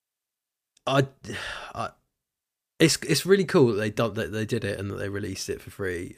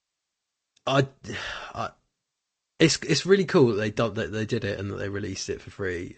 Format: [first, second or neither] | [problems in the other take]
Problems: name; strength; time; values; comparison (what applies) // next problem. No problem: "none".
first | garbled, watery; slightly; nothing above 8 kHz